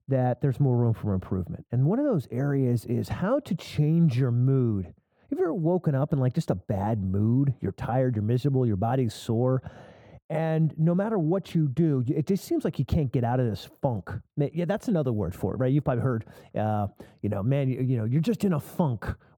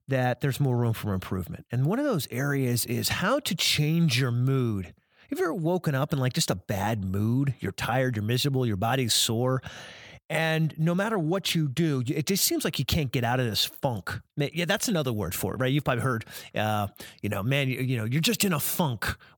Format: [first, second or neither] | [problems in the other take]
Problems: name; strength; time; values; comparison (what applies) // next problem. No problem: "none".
second | muffled; very; fading above 1.5 kHz